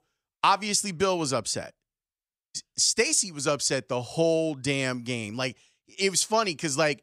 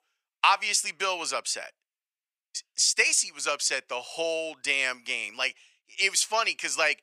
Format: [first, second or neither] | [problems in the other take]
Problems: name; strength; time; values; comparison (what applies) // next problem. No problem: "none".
first | thin; very; fading below 700 Hz